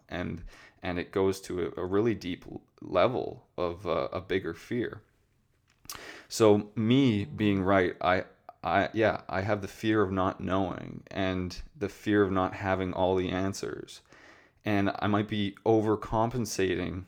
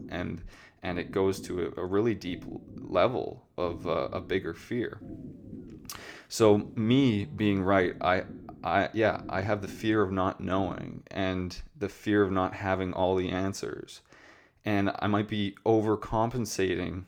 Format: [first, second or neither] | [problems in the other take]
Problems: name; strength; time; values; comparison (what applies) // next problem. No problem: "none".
first | low rumble; faint; until 11 s; 20 dB below the speech